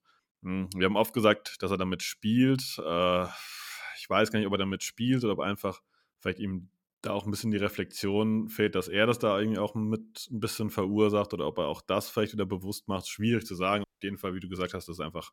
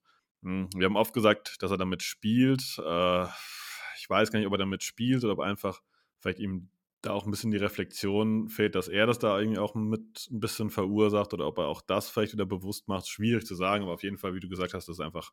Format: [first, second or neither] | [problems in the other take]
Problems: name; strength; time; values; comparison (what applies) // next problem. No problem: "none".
second | audio cutting out; at 14 s